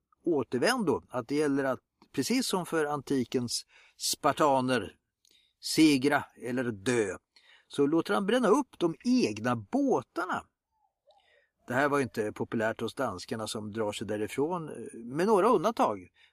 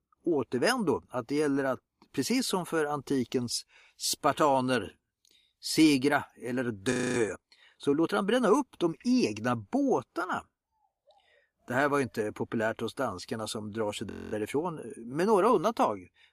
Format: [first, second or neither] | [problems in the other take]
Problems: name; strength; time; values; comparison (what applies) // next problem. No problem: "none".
first | audio freezing; at 7 s and at 14 s